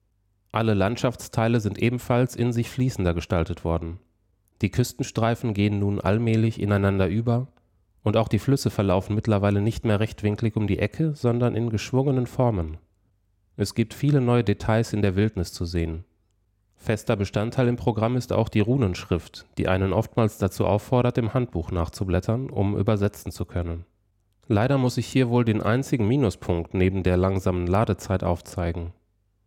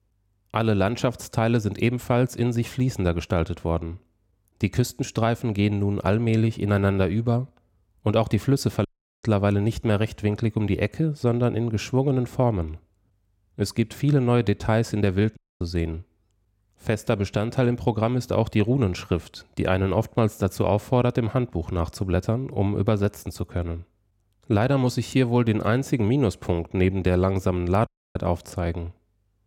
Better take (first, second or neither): first